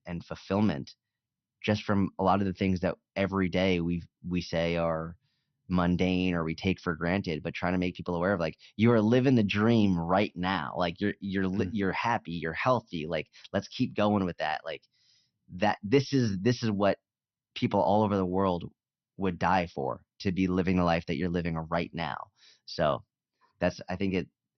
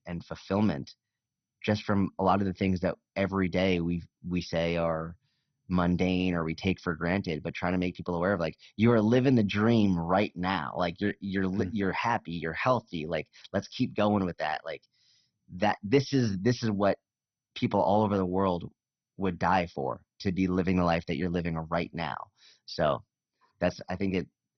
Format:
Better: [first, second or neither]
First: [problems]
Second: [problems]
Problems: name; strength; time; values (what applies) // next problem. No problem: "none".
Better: first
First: garbled, watery; slightly; nothing above 6 kHz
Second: garbled, watery; badly; nothing above 6 kHz